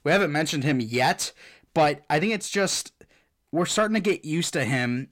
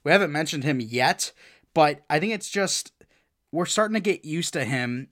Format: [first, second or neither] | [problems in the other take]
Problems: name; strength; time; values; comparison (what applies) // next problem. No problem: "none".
second | distortion; slight; 10 dB below the speech